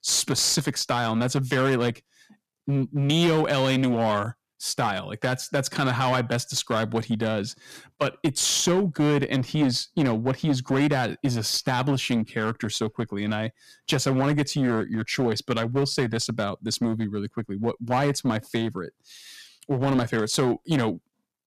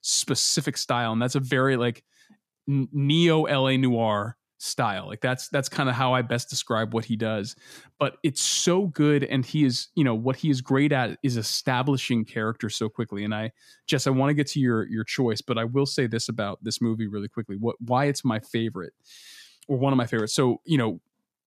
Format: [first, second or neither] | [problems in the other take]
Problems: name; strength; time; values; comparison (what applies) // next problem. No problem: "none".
second | distortion; slight; 8% of the sound clipped